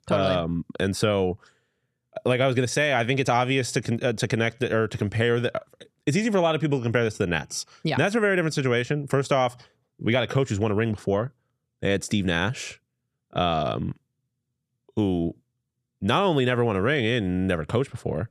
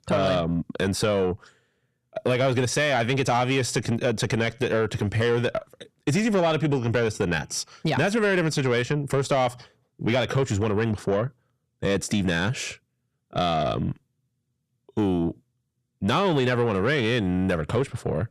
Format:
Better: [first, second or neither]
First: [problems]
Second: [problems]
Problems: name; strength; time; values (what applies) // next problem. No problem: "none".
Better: first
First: none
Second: distortion; slight; 10 dB below the speech